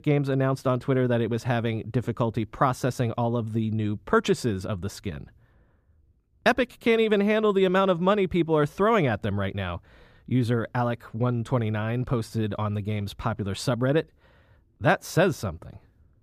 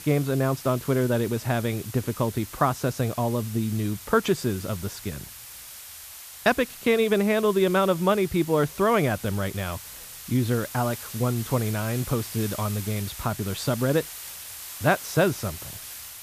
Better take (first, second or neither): first